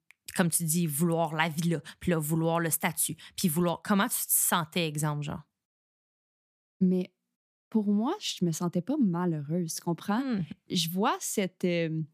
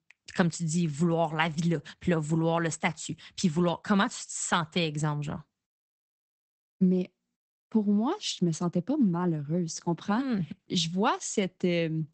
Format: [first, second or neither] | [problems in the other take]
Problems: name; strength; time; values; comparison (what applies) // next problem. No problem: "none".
first | garbled, watery; badly; nothing above 8 kHz